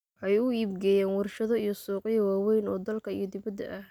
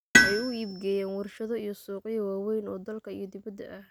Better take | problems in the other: first | background sound (Tools); 4 dB above the speech

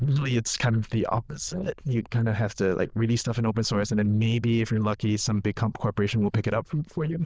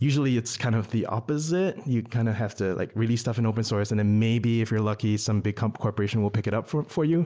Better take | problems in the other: second | noise reduction (neural diffusion model UNIVERSE++)

